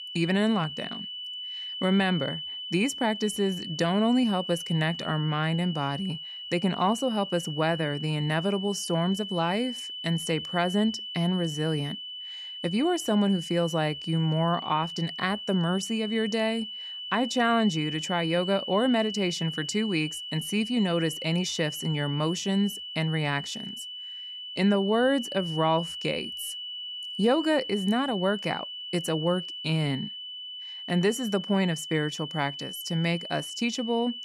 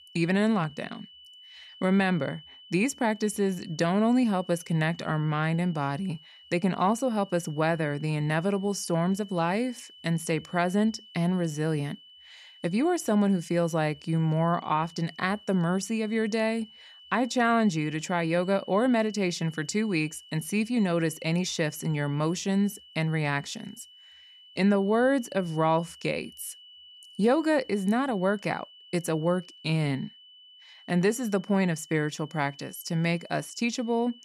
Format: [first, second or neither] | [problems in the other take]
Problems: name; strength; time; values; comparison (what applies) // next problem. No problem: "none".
second | high-pitched whine; loud; throughout; 3 kHz, 8 dB below the speech; faint in the second